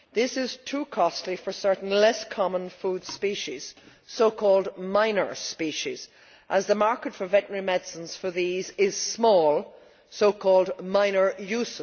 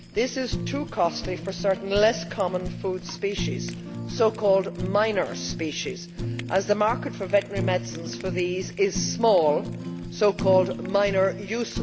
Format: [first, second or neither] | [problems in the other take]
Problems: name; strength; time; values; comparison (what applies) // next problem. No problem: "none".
first | background sound (Fire); 7 dB below the speech